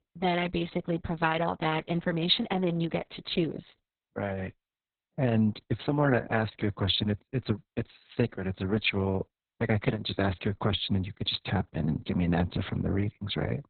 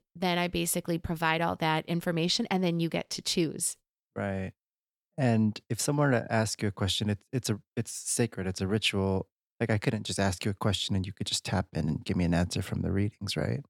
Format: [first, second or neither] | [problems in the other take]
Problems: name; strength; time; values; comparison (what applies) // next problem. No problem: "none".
second | garbled, watery; badly; nothing above 4 kHz